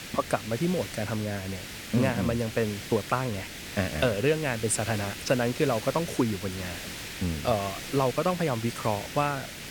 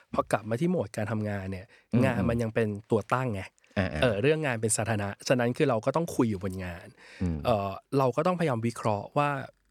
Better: second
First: hiss; loud; throughout; 9 dB below the speech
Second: none

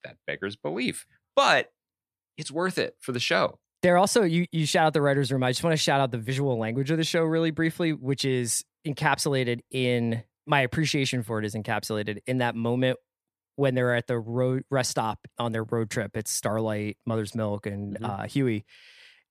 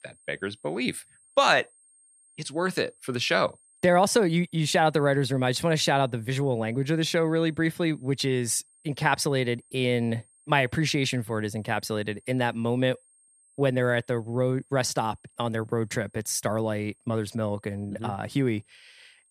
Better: first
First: none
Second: high-pitched whine; faint; throughout; 8.5 kHz, 30 dB below the speech

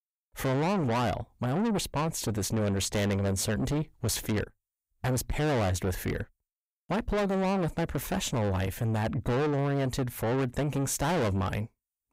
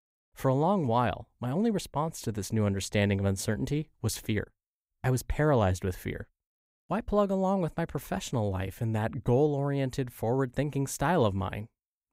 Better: second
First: distortion; heavy; 6 dB below the speech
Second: none

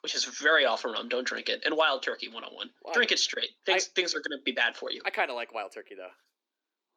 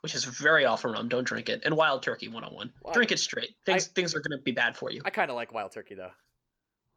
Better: second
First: thin; very slightly; fading below 250 Hz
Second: none

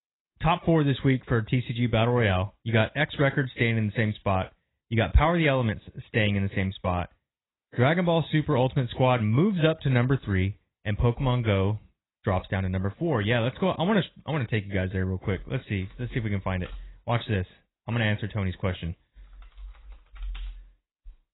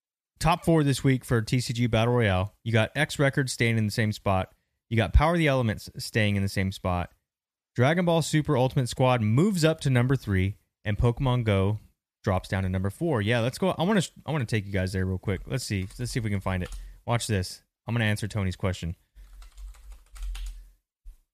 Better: second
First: garbled, watery; badly; nothing above 4 kHz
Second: none

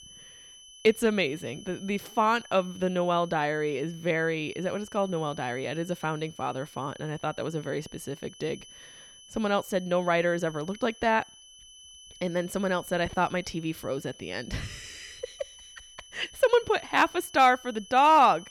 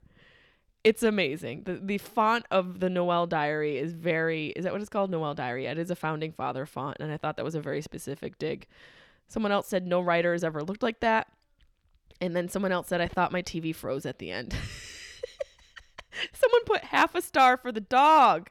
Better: second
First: high-pitched whine; faint; throughout; 3 kHz, 20 dB below the speech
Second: none

